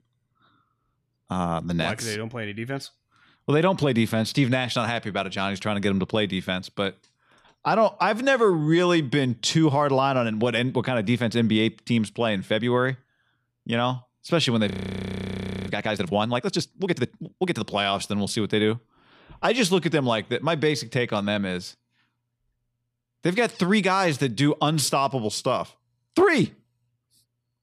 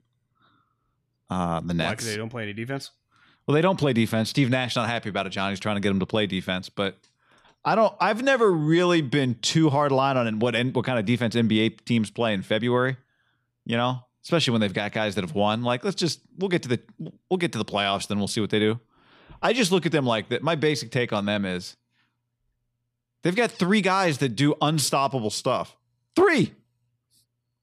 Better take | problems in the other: second | audio freezing; at 15 s for 1 s

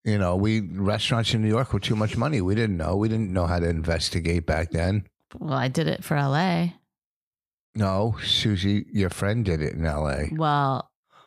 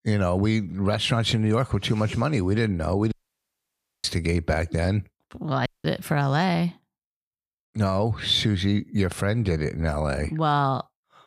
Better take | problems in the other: first | audio cutting out; at 3 s for 1 s and at 5.5 s

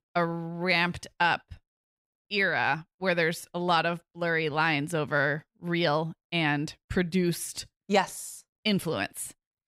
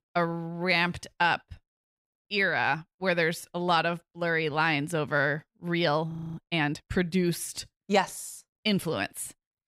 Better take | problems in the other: first | audio freezing; at 6 s

